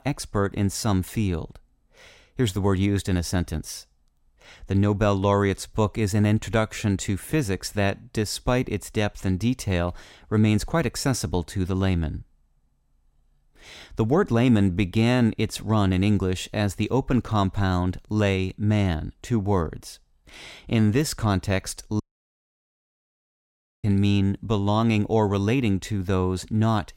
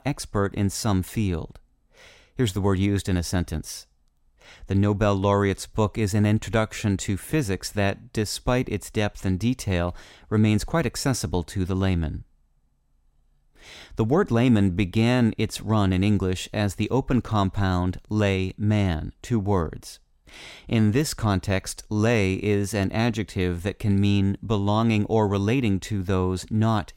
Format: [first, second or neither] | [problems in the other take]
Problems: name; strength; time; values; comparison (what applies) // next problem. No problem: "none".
second | audio cutting out; at 22 s for 2 s